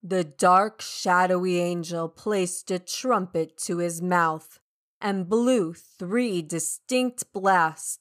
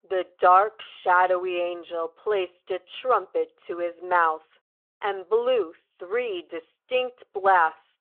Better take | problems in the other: first | phone-call audio

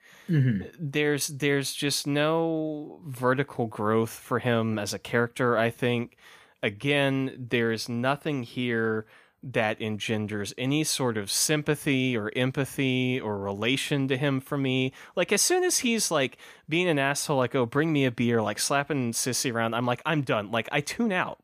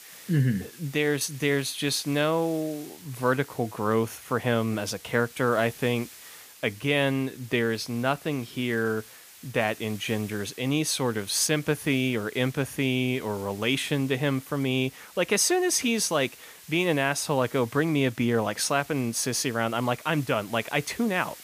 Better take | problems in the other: first | hiss; noticeable; throughout; 20 dB below the speech

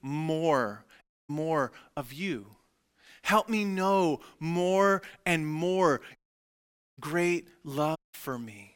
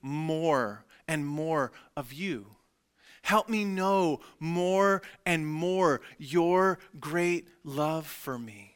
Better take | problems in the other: second | audio cutting out; at 1 s, at 6 s for 1 s and at 8 s

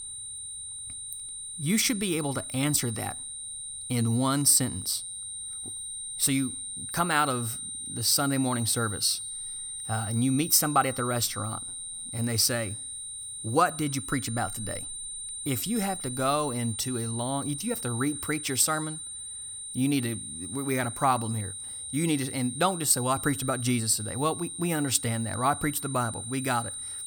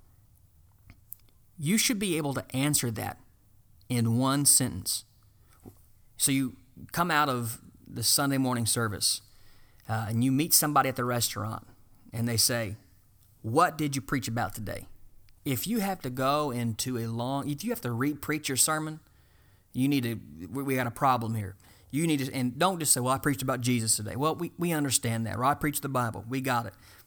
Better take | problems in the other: second | high-pitched whine; loud; throughout; 9 kHz, 7 dB below the speech

